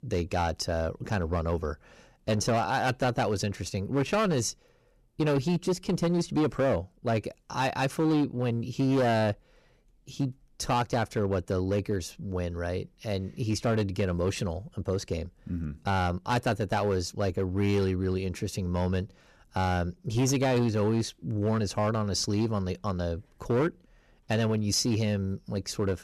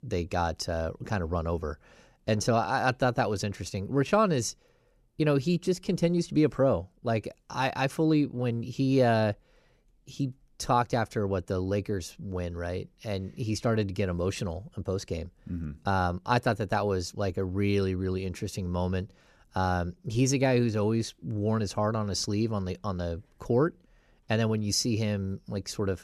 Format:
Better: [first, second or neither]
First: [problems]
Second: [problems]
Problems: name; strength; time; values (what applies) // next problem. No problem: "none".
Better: second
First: distortion; slight; 8% of the sound clipped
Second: none